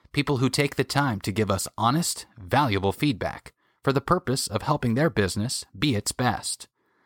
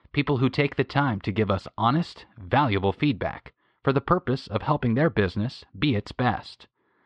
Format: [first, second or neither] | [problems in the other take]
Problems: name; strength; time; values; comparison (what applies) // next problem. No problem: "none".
first | muffled; slightly; fading above 3.5 kHz